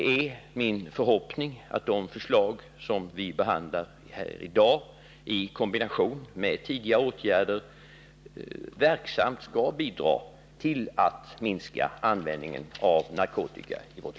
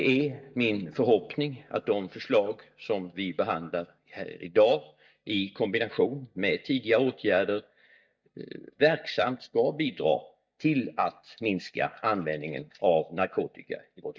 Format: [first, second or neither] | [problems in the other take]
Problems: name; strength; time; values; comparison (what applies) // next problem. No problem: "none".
first | noise reduction (neural mask model DeepFilterNet 3)